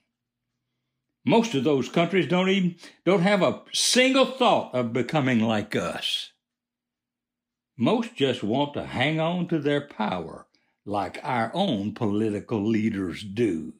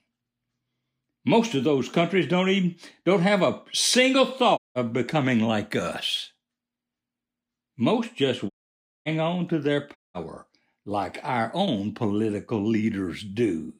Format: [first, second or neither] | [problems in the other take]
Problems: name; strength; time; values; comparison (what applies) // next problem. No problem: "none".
first | audio cutting out; at 4.5 s, at 8.5 s for 0.5 s and at 10 s